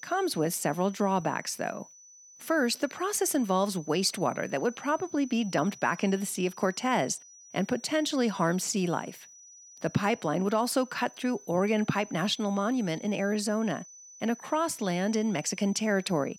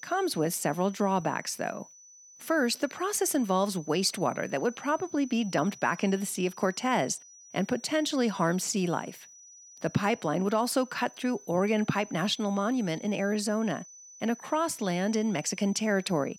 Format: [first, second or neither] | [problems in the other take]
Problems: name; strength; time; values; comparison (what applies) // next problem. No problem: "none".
neither | high-pitched whine; noticeable; throughout; 6 kHz, 20 dB below the speech; the same in both